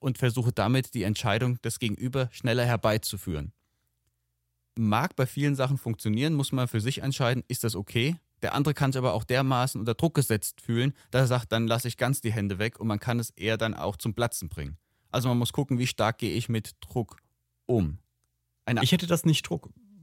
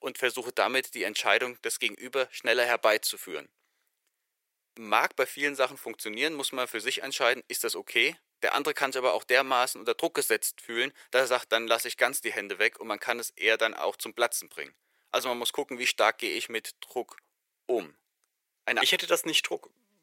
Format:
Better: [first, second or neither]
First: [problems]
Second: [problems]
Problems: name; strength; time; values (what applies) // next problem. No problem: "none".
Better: first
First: none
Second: thin; very; fading below 400 Hz